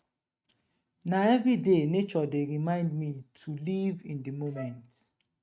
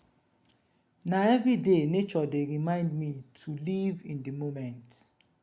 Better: second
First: noise reduction (neural mask model RNNoise)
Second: none

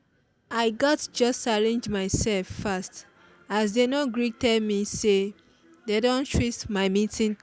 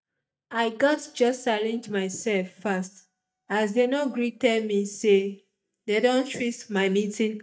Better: first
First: none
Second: noise reduction (neural mask model DeepFilterNet 3)

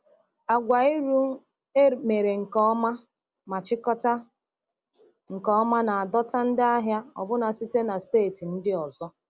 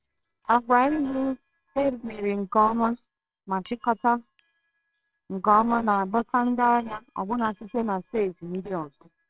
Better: first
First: none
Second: noise reduction (neural separator model SepFormer WHAMR!)

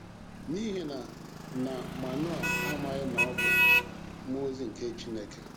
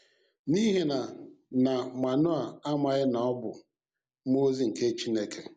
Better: second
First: background sound (Motor vehicle (road)); 5 dB above the speech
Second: none

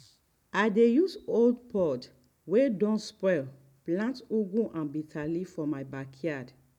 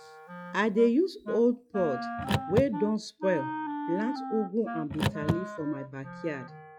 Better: first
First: none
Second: noise reduction (classical method log-MMSE)

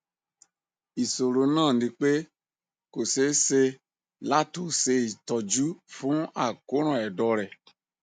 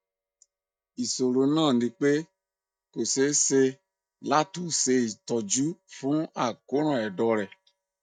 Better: first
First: none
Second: noise reduction (neural mask model DeepFilterNet 3)

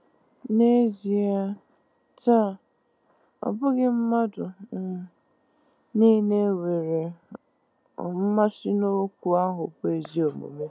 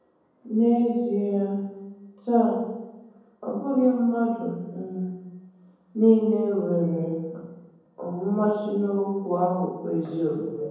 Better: first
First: none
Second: room echo; dies away in 1.1 s

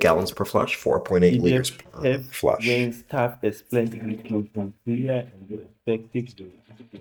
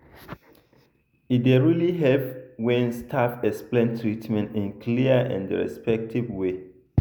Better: second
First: noise reduction (neural mask model DeepFilterNet 3)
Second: none

